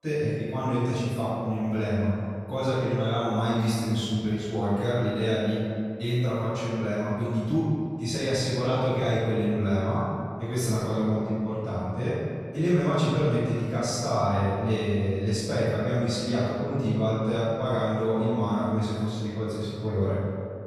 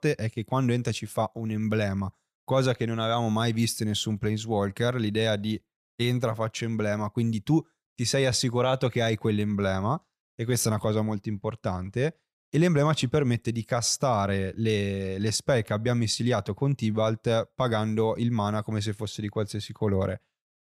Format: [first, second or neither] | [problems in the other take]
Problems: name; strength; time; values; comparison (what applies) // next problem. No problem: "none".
second | room echo; strong; dies away in 2.1 s // off-mic speech; far